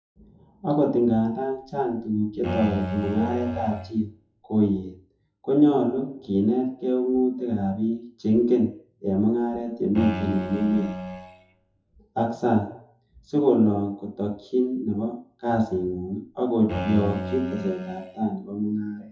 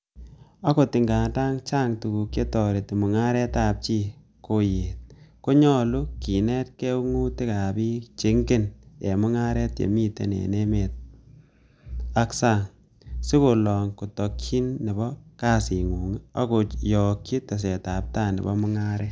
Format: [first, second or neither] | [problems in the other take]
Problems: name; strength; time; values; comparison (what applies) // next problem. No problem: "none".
second | noise reduction (classical method WPE with log-MMSE)